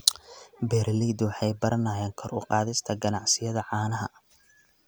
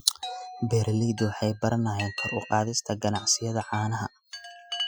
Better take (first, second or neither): first